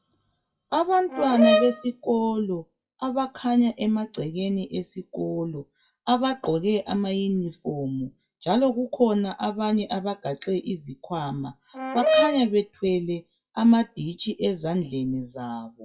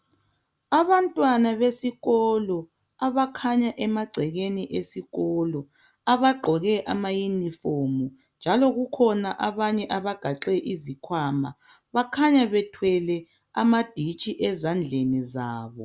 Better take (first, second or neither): second